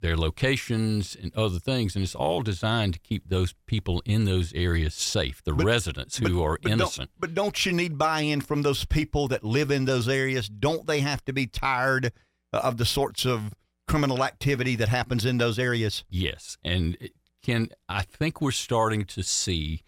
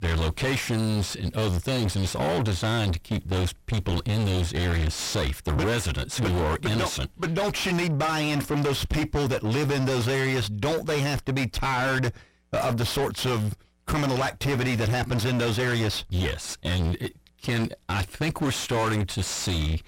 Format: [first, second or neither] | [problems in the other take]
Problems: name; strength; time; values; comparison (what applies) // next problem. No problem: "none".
first | distortion; heavy; 5 dB below the speech